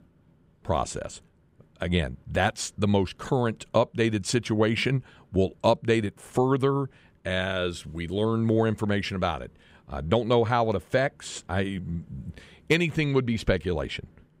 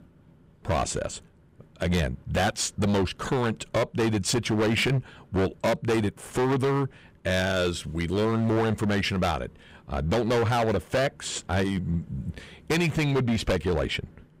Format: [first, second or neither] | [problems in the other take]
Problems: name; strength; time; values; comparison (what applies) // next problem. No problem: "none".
first | distortion; heavy; 15% of the sound clipped